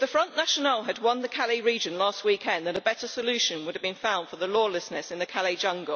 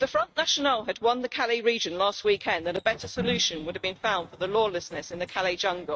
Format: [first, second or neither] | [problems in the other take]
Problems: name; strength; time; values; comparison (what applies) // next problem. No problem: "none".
first | noise reduction (neural mask model RNNoise)